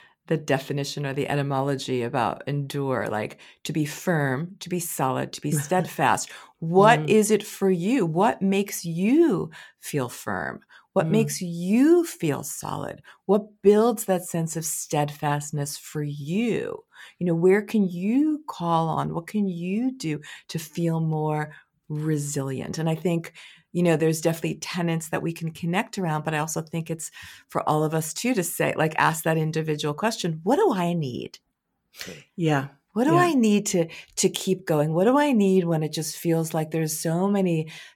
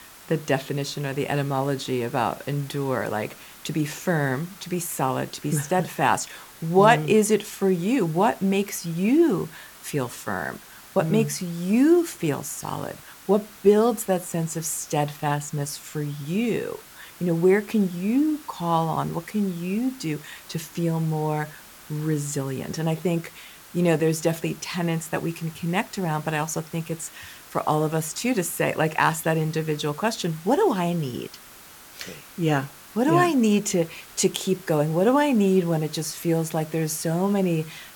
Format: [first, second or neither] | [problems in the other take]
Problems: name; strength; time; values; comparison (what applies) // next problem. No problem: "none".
first | hiss; noticeable; throughout; 20 dB below the speech